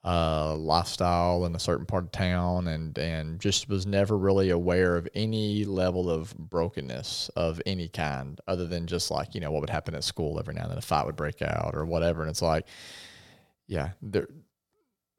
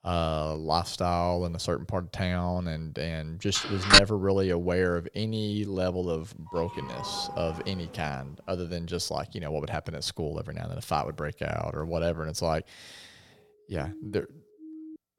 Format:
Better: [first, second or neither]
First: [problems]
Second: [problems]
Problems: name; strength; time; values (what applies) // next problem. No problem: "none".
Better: first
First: none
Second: phone ringing; loud; at 4 s; peak 15 dB above the speech // doorbell; noticeable; from 6.5 to 8.5 s; peak 7 dB below the speech // siren; faint; from 13 s on; peak 15 dB below the speech